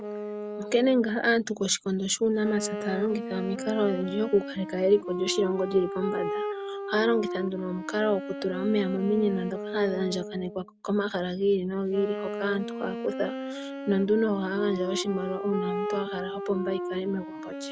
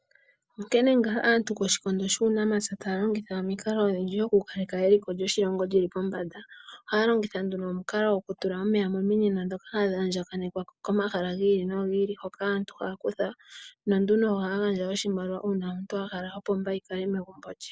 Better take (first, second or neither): second